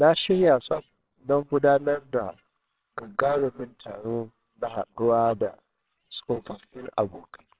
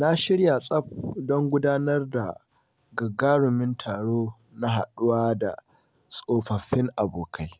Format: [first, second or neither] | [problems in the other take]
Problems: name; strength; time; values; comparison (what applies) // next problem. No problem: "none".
second | noise reduction (neural separator model SepFormer WHAMR!)